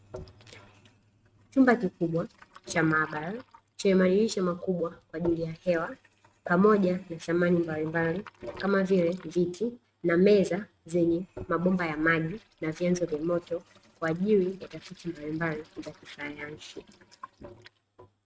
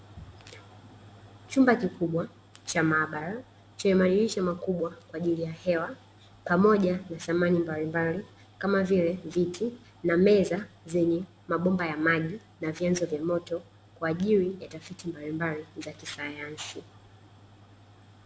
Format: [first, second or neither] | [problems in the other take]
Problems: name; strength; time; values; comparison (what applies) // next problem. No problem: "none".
second | noise reduction (neural mask model RNNoise)